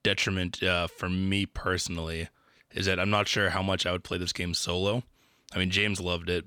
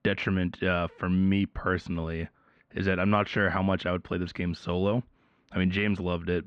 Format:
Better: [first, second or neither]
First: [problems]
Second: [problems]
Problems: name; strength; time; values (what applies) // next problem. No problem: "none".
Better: first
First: none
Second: muffled; very; fading above 1.5 kHz